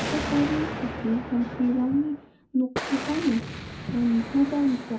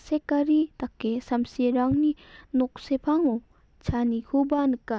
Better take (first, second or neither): second